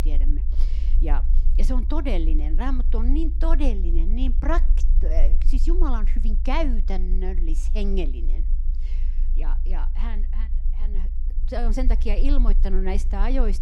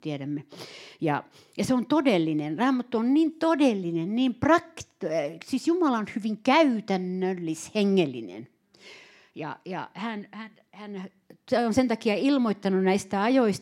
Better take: second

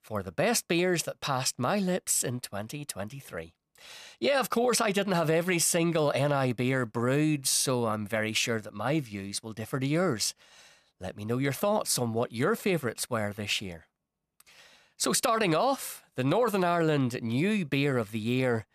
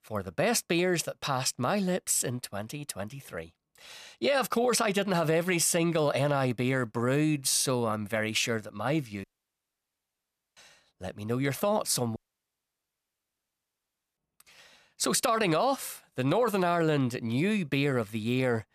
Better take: first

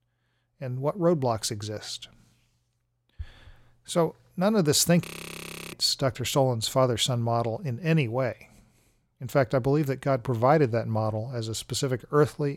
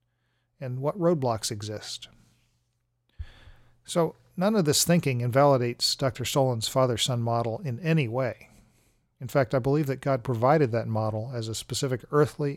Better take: second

